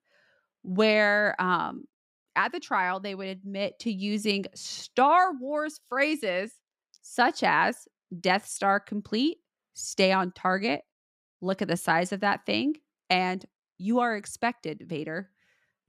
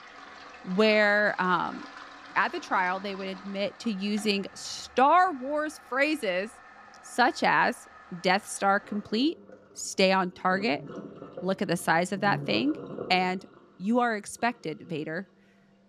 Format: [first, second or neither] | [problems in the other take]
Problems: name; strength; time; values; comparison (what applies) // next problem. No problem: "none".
first | household noises; noticeable; throughout; 20 dB below the speech